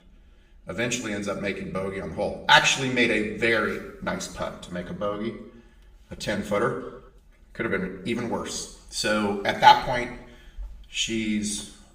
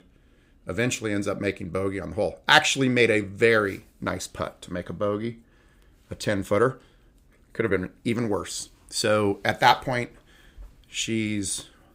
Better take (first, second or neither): second